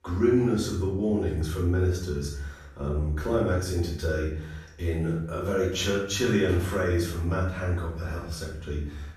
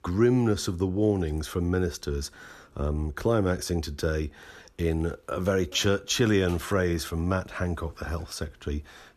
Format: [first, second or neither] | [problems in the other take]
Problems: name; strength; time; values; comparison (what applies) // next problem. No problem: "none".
second | room echo; noticeable; dies away in 0.7 s // off-mic speech; far